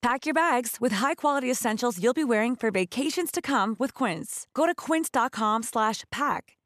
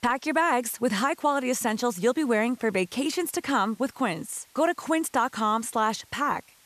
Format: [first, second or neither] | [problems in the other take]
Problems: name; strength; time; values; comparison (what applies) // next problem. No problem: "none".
first | hiss; faint; throughout; 30 dB below the speech